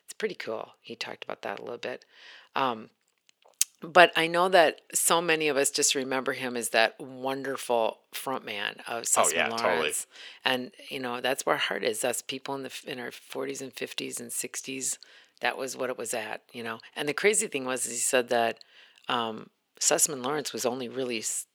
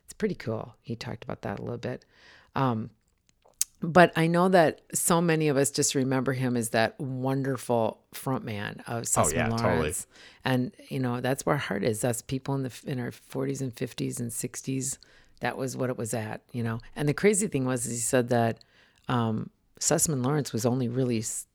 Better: second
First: thin; somewhat; fading below 450 Hz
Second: none

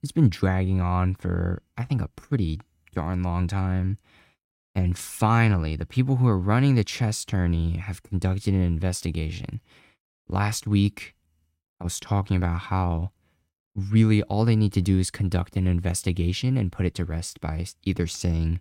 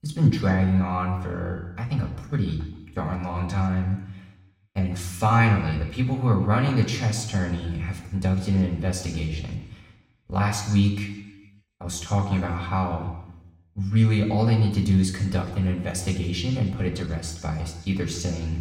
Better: first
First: none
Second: room echo; slight; dies away in 1 s // off-mic speech; somewhat distant

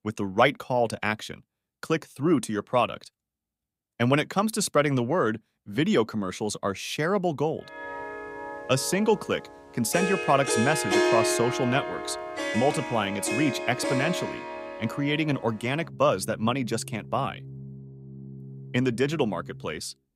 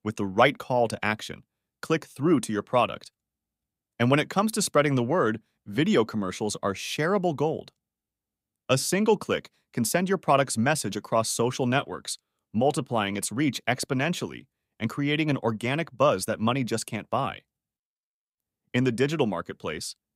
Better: second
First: background music; loud; from 8 s on; 5 dB below the speech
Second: none

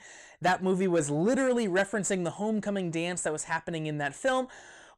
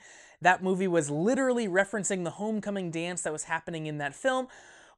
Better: second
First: distortion; slight; 10 dB below the speech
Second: none

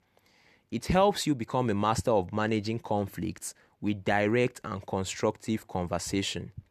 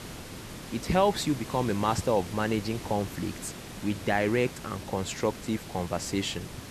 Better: first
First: none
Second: hiss; noticeable; throughout; 10 dB below the speech

